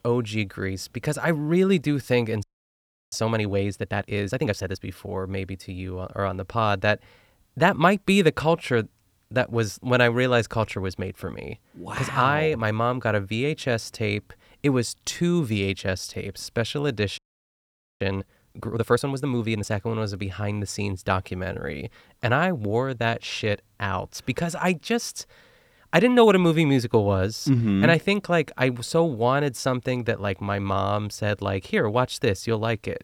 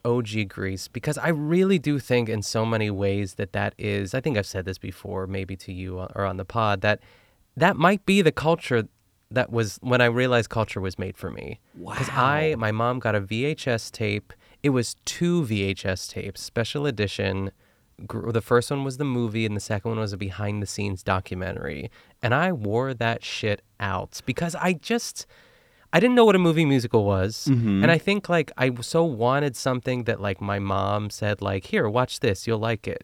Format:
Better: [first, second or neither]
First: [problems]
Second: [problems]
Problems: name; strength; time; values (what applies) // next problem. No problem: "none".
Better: second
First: audio freezing; at 2.5 s for 0.5 s and at 17 s for 1 s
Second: none